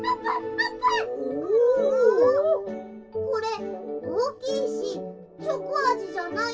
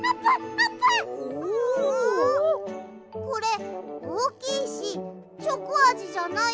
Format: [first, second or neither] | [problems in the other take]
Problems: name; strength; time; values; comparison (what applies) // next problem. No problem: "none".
second | room echo; dies away in 0.2 s